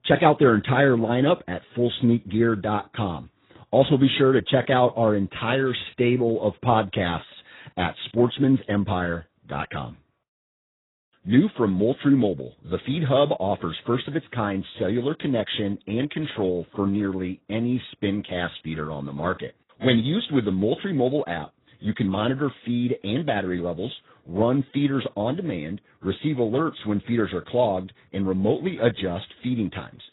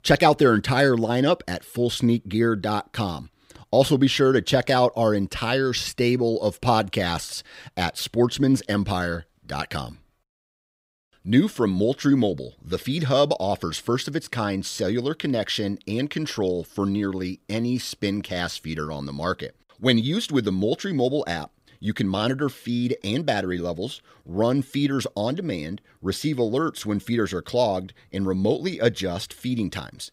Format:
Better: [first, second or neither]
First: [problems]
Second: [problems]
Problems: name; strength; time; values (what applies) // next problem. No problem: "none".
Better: second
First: garbled, watery; badly; nothing above 4 kHz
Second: none